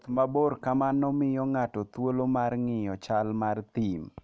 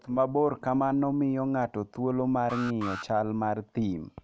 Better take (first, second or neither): first